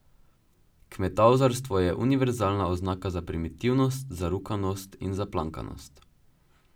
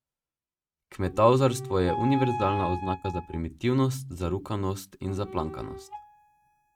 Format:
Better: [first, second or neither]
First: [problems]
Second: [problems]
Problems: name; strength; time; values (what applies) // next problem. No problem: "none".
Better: first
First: none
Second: noise reduction (neural mask model RNNoise)